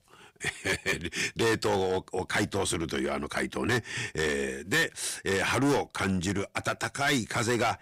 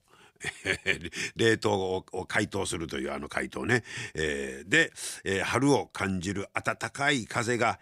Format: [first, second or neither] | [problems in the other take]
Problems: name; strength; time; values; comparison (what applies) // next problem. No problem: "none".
second | distortion; heavy; 9% of the sound clipped